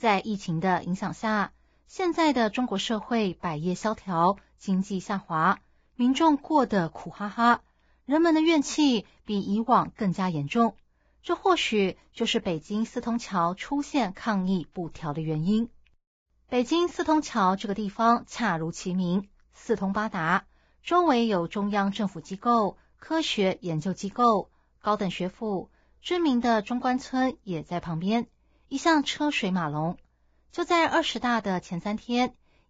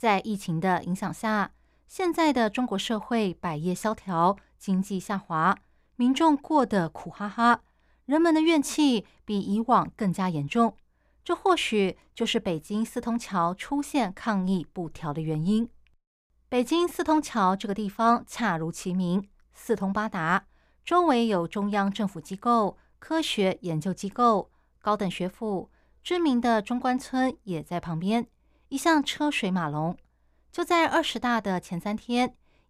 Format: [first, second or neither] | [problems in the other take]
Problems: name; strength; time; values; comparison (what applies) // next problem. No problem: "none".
second | garbled, watery; badly; nothing above 7.5 kHz